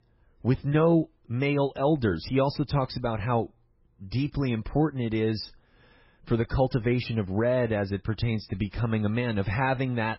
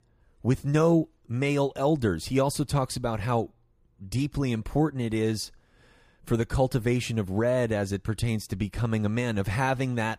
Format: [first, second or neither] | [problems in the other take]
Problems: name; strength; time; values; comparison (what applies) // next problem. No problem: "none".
second | garbled, watery; badly; nothing above 5.5 kHz